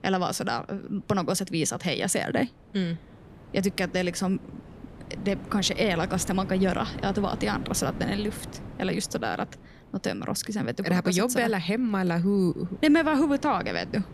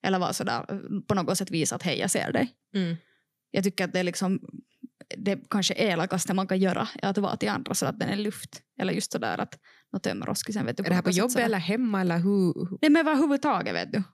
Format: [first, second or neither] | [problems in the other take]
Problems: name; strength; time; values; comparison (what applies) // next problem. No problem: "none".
second | wind noise on the microphone; occasional gusts; 20 dB below the speech